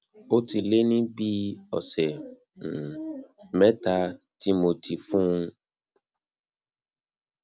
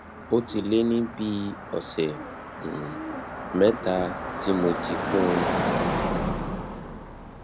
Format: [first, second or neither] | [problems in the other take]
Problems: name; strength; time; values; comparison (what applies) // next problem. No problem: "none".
first | background sound (Car passing by); 3 dB below the speech